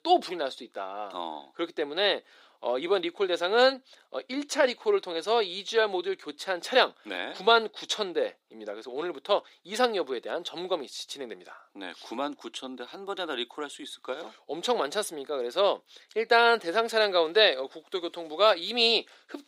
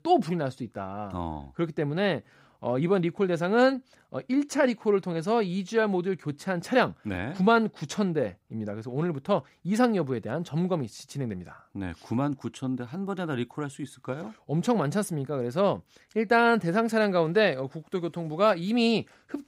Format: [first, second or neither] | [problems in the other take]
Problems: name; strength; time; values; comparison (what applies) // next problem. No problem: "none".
second | thin; very; fading below 350 Hz